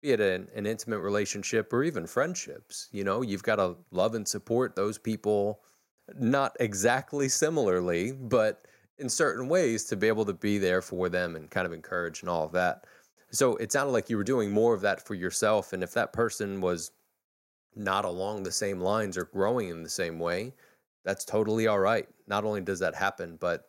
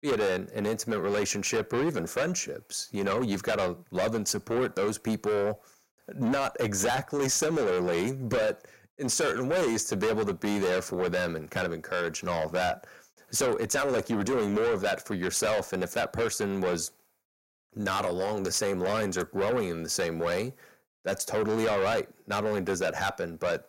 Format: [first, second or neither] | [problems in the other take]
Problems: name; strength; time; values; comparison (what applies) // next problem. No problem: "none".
first | distortion; heavy; 6 dB below the speech